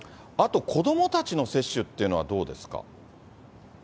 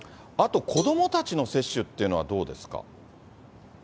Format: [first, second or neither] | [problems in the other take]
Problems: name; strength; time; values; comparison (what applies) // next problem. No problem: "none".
first | background sound (Cowbell); 15 dB below the speech